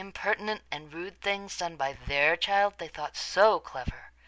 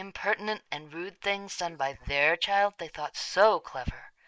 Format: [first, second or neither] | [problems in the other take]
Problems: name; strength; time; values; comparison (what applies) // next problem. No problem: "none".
first | noise reduction (neural mask model Resemble Enhance denoiser)